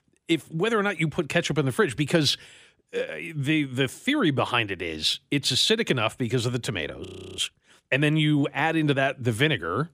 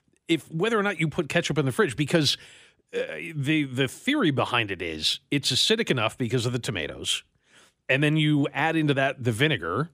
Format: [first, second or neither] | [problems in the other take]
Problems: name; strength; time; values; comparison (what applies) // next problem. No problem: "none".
second | audio freezing; at 7 s